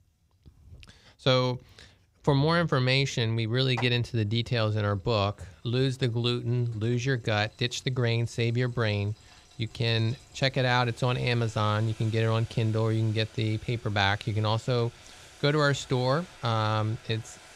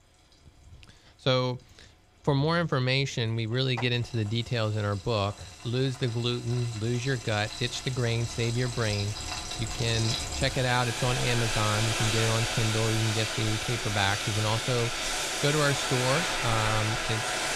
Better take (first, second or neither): first